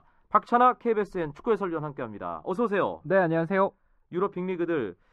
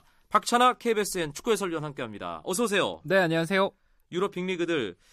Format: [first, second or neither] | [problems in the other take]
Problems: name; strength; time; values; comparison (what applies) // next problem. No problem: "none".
second | muffled; very; fading above 3.5 kHz